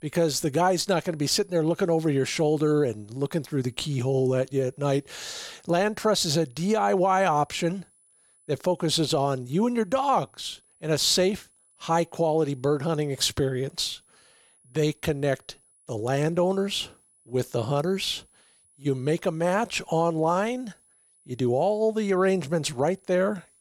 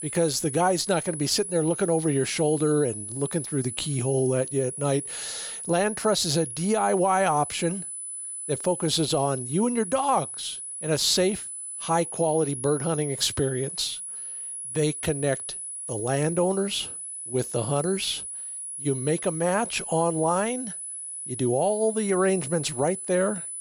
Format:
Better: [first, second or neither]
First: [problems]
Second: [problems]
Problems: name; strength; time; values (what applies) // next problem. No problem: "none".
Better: first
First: high-pitched whine; faint; throughout; 10 kHz, 35 dB below the speech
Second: high-pitched whine; loud; throughout; 10 kHz, 7 dB below the speech